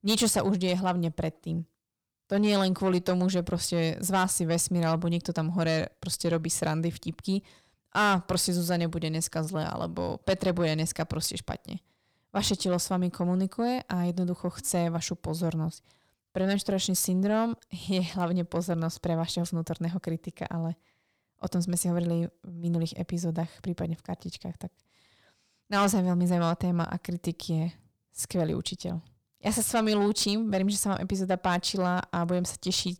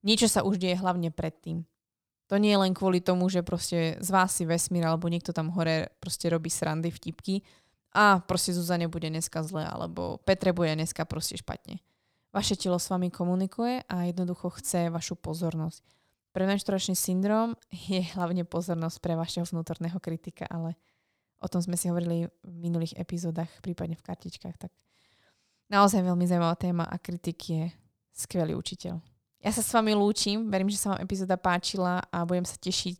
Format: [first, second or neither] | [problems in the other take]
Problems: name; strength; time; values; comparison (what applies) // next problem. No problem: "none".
second | distortion; slight; 10 dB below the speech